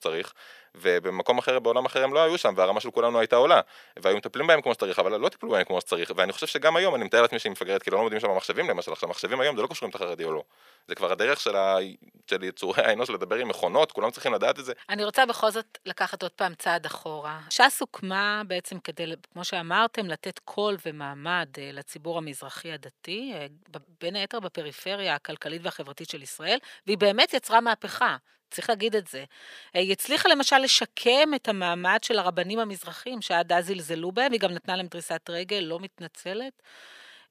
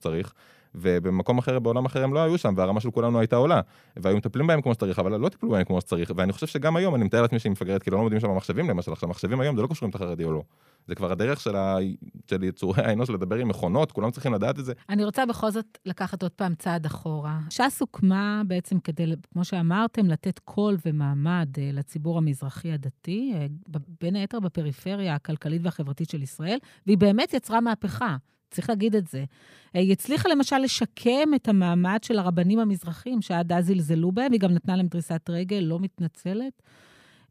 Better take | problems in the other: second | thin; very; fading below 550 Hz

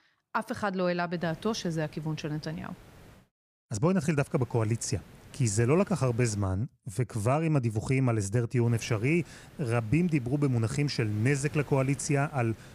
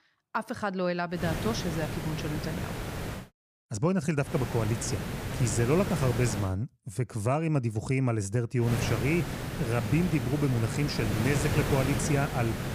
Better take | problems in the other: first | hiss; loud; from 1 to 3 s, from 4.5 to 6.5 s and from 8.5 s on; 4 dB below the speech; faint in the first

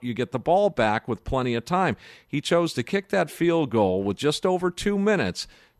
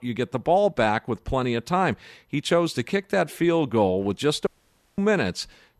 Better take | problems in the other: first | audio cutting out; at 4.5 s for 0.5 s

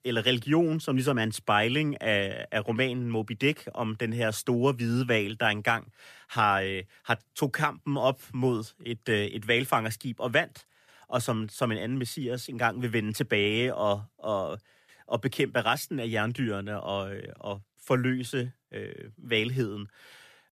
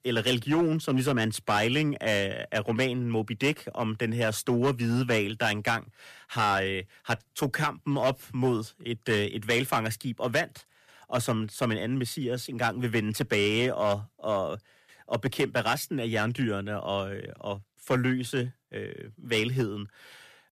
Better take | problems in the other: first | distortion; slight; 4% of the sound clipped

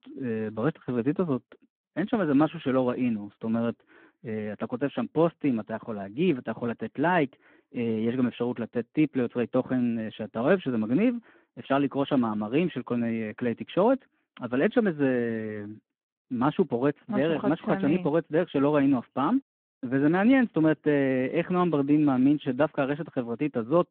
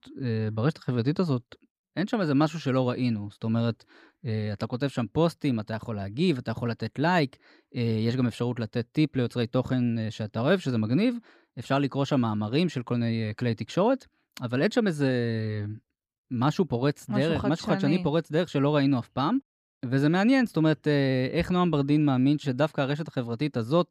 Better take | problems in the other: second | phone-call audio

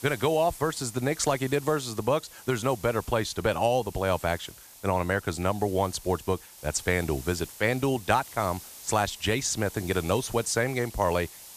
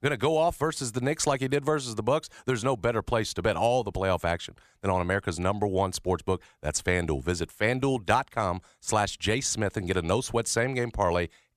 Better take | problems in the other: second | hiss; noticeable; throughout; 15 dB below the speech

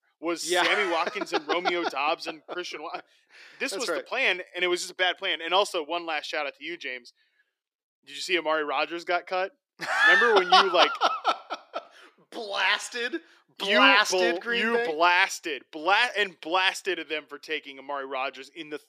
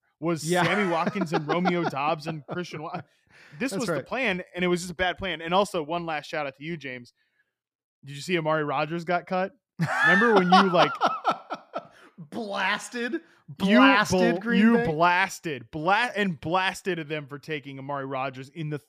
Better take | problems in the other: second | thin; somewhat; fading below 350 Hz

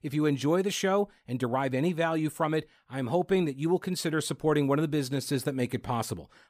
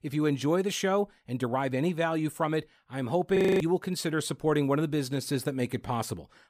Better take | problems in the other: first | audio freezing; at 3.5 s

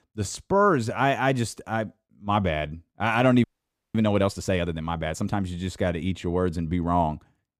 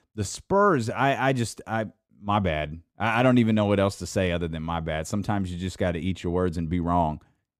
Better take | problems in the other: second | audio freezing; at 3.5 s for 0.5 s

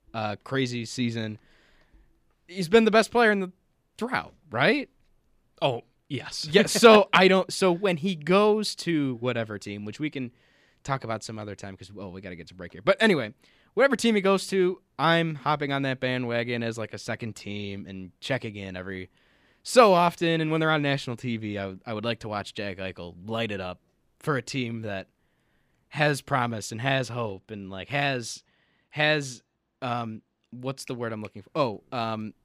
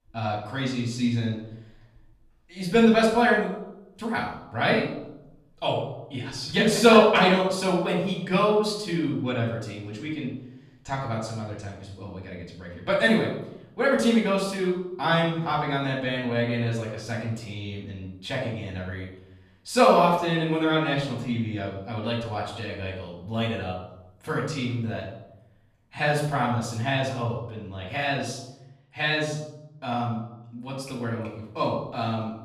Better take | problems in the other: first | off-mic speech; far // room echo; noticeable; dies away in 0.7 s

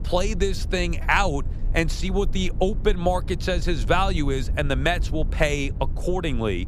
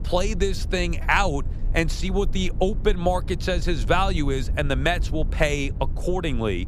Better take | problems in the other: neither | low rumble; faint; throughout; 20 dB below the speech; the same in both

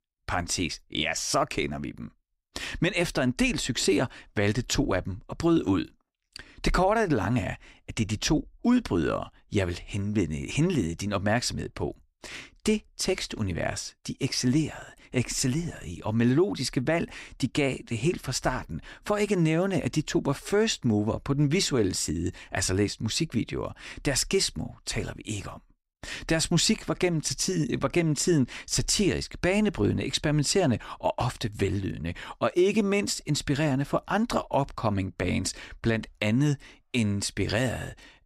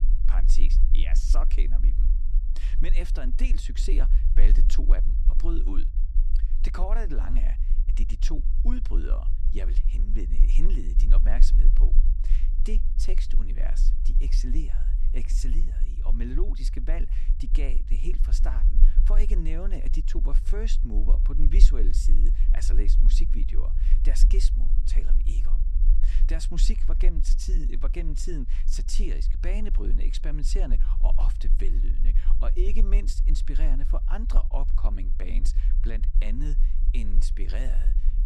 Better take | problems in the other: first | low rumble; noticeable; throughout; 10 dB below the speech

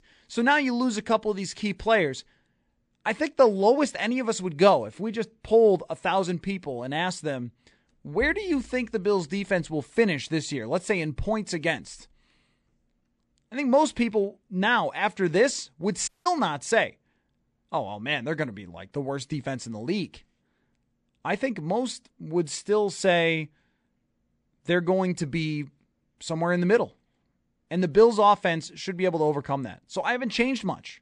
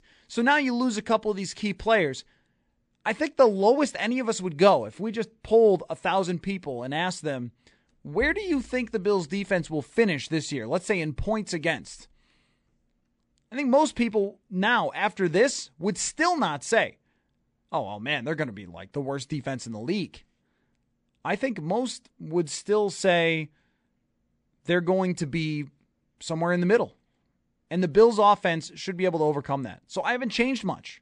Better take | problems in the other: second | audio cutting out; at 16 s

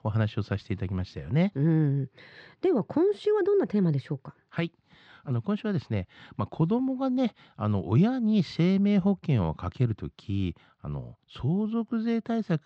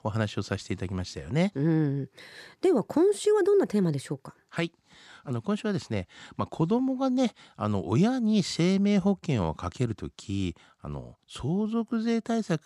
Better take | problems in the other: second | muffled; very slightly; fading above 4 kHz

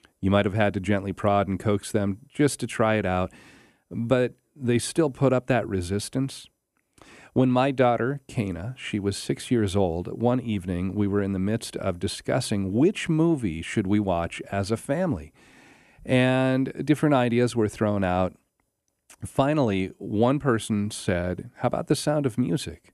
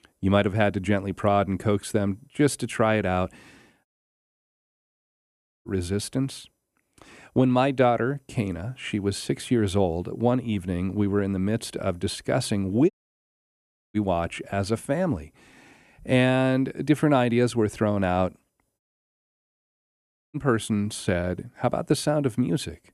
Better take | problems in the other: first | audio cutting out; at 4 s for 2 s, at 13 s for 1 s and at 19 s for 1.5 s

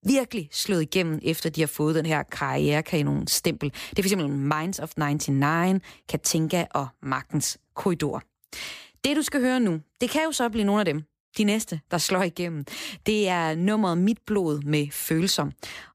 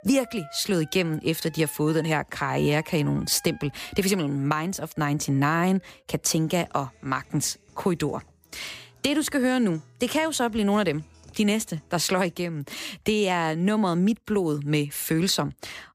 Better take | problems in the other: first | background music; faint; until 13 s; 25 dB below the speech

